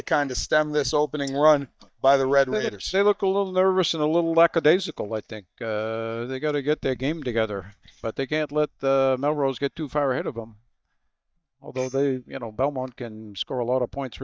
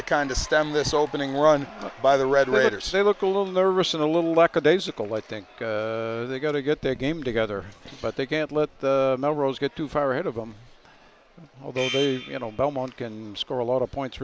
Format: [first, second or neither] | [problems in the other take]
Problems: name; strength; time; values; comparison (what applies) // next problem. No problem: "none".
second | noise reduction (neural mask model DeepFilterNet 3)